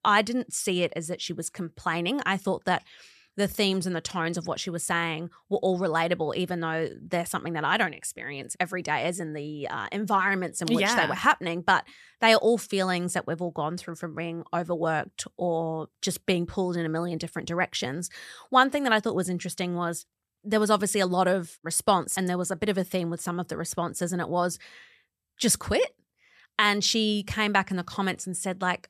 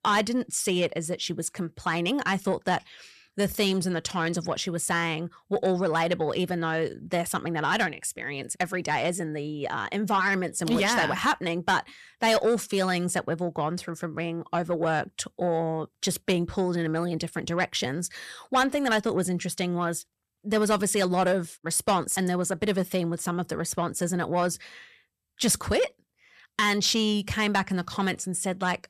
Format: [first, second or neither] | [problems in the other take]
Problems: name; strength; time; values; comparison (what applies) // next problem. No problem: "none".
first | distortion; slight; 10 dB below the speech